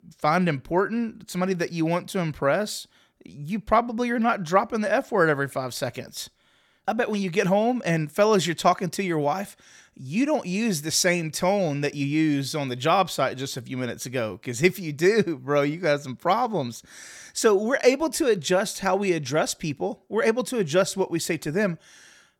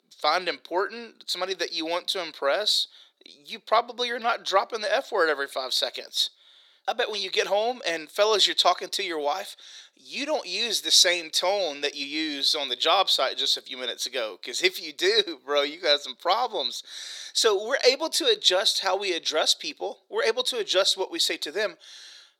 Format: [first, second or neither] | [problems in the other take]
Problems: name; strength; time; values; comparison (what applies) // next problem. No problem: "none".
first | thin; very; fading below 400 Hz